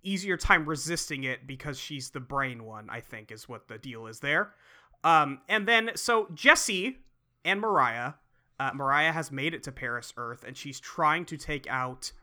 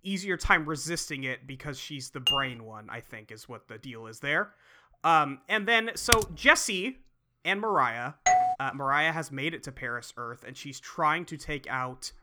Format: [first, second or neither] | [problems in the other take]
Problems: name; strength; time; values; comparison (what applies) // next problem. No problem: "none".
first | clattering dishes; loud; at 2.5 s; peak 2 dB above the speech // keyboard typing; very faint; at 6 s; peak 2 dB above the speech // doorbell; loud; at 8.5 s; peak 5 dB above the speech